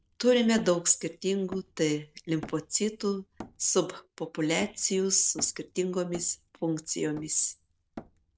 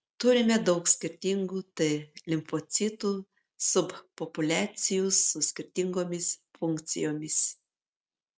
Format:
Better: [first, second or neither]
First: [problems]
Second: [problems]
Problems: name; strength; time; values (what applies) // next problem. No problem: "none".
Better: second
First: background sound (Hammer); 20 dB below the speech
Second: none